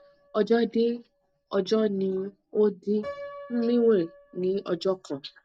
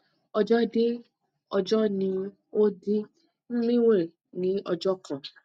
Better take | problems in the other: second | background sound (Piano); 20 dB below the speech

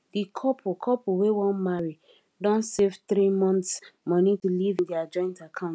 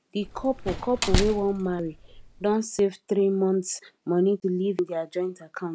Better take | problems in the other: first | background sound (Slam); 4 dB below the speech

